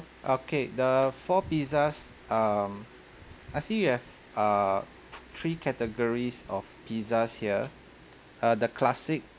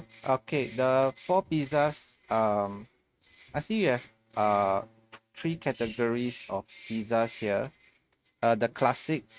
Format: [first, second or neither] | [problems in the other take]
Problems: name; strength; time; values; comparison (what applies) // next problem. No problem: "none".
first | noise reduction (neural mask model RNNoise)